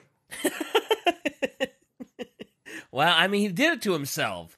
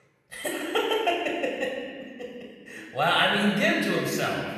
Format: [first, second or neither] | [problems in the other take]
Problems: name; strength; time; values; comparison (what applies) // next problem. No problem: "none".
first | off-mic speech; somewhat distant // room echo; noticeable; dies away in 1.8 s